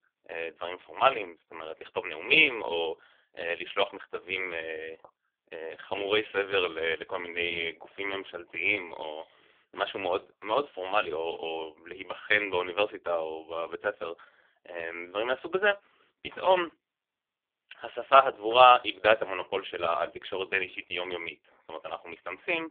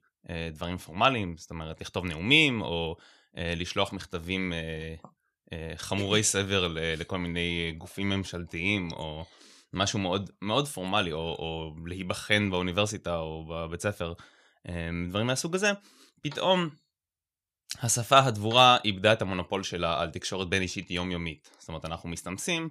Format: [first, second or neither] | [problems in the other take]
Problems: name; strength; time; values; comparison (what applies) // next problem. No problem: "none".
second | phone-call audio; poor line; nothing above 3.5 kHz